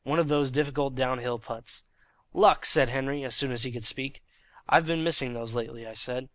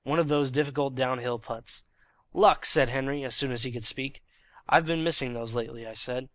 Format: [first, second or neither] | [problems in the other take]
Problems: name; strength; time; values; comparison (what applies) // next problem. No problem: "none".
first | noise reduction (neural mask model Resemble Enhance denoiser)